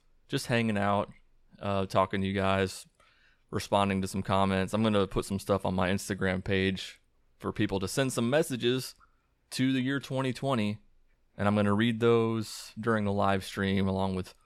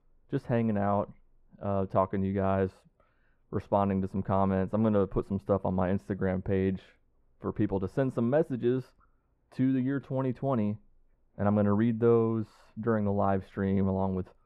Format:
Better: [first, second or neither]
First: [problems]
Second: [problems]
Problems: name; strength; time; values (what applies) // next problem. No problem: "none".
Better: first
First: none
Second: muffled; very; fading above 2 kHz